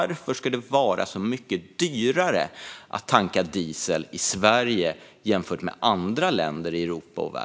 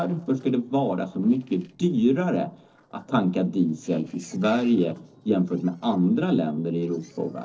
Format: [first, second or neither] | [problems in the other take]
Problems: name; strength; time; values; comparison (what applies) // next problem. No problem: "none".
first | noise reduction (neural separator model SepFormer DNS4)